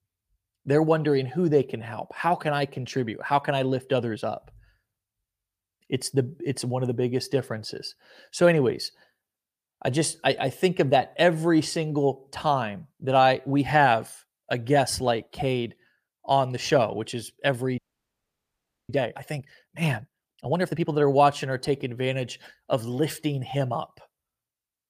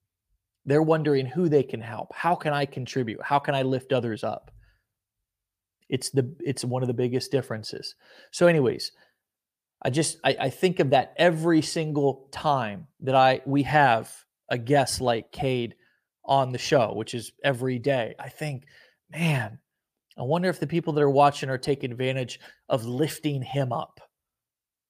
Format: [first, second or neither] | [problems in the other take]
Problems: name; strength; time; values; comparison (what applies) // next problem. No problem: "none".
second | audio freezing; at 18 s for 1 s